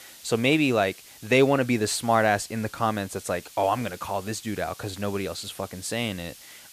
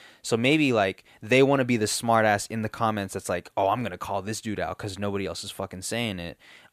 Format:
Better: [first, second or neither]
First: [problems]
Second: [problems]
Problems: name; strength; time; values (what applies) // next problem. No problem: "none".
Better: second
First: hiss; noticeable; throughout; 20 dB below the speech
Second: none